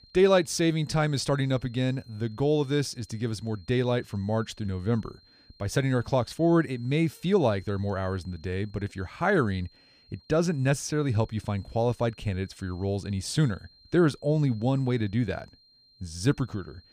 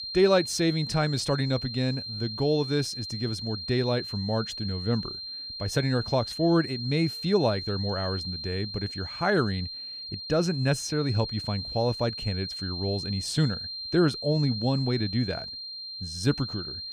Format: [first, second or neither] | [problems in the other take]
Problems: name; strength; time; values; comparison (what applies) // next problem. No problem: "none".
first | high-pitched whine; loud; throughout; 4 kHz, 7 dB below the speech; faint in the first